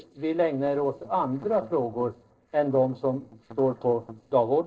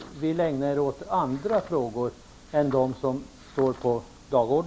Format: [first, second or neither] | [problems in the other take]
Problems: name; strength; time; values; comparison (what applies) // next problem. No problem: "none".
second | noise reduction (neural separator model SepFormer DNS4)